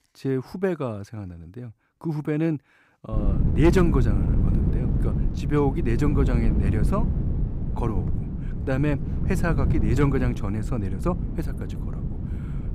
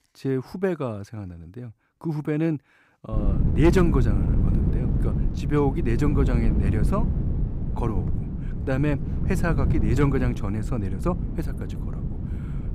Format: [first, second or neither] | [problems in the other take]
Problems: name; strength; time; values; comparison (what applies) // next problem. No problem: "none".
neither | wind noise on the microphone; heavy; from 3 s on; 7 dB below the speech; the same in both